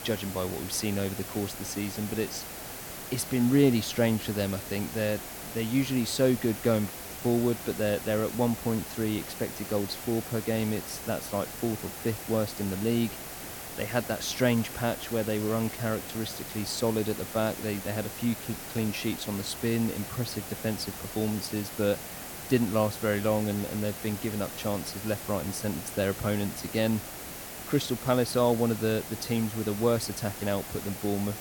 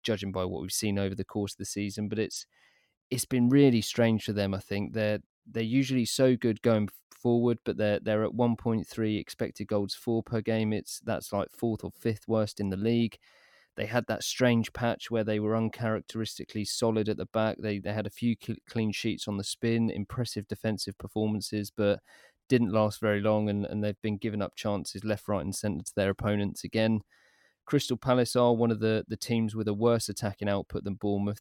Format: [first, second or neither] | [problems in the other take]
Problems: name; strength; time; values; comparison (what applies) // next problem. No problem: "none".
second | hiss; loud; throughout; 8 dB below the speech